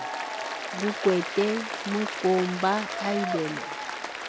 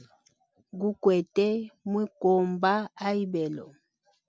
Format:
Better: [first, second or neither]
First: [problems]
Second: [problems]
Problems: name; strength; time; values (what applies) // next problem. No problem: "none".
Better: second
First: background sound (Applause); 5 dB below the speech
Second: none